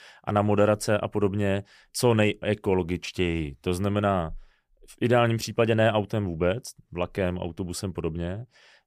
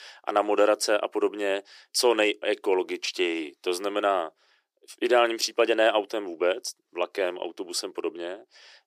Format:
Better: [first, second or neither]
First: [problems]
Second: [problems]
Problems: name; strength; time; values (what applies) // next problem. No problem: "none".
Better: first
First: none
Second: thin; very; fading below 300 Hz